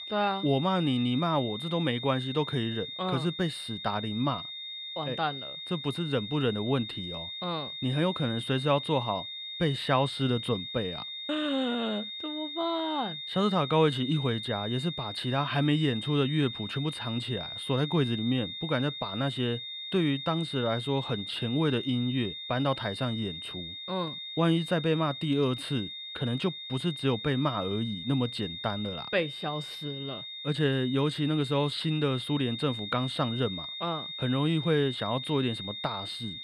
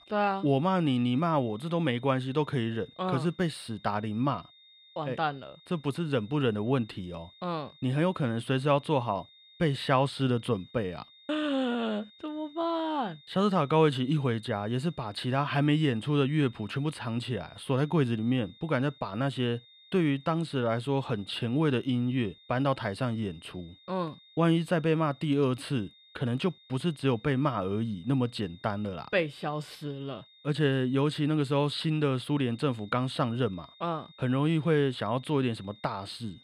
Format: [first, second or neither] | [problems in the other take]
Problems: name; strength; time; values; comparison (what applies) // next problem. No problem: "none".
second | high-pitched whine; loud; throughout; 3.5 kHz, 7 dB below the speech; faint in the second